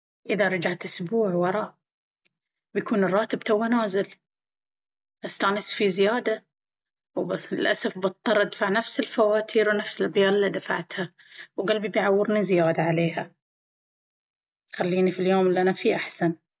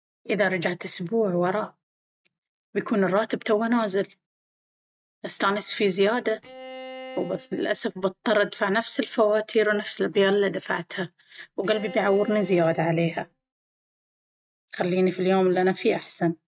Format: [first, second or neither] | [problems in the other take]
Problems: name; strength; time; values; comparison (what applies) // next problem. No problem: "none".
first | noise reduction (neural mask model RNNoise)